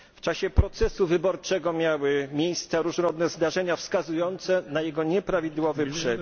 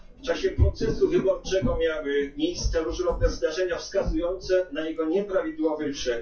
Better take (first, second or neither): first